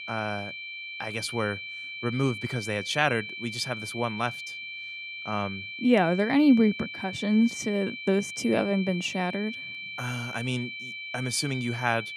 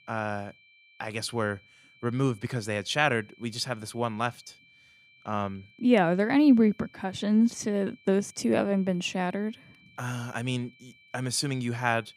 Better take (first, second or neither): second